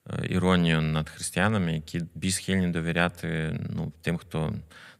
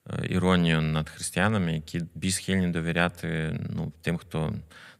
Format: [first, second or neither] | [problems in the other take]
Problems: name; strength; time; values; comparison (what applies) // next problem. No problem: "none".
neither | none